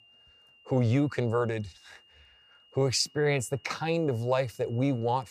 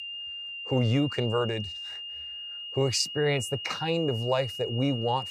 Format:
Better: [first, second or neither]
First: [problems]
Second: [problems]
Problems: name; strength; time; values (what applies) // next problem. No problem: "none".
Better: first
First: high-pitched whine; faint; throughout; 3 kHz, 30 dB below the speech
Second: high-pitched whine; loud; throughout; 3 kHz, 7 dB below the speech